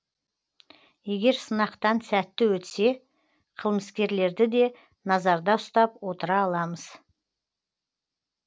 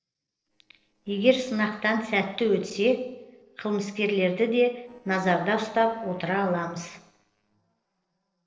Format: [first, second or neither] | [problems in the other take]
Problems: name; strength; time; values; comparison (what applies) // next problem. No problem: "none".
first | noise reduction (neural separator model SepFormer DNS4)